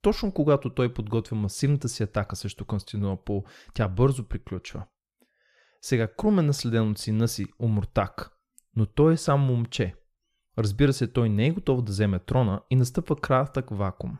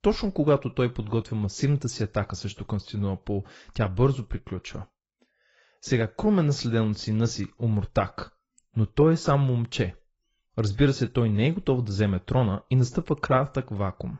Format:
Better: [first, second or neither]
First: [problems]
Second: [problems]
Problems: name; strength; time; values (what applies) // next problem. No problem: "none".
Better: first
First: none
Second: garbled, watery; badly; nothing above 7.5 kHz